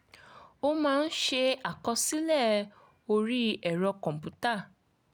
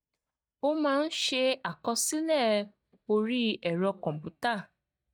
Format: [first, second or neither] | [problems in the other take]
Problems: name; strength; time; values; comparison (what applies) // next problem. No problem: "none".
first | noise reduction (neural mask model DeepFilterNet 3)